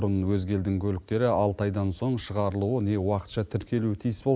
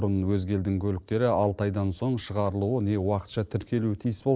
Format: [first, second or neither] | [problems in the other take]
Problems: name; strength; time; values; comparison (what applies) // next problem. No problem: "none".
first | noise reduction (neural separator model SepFormer DNS4)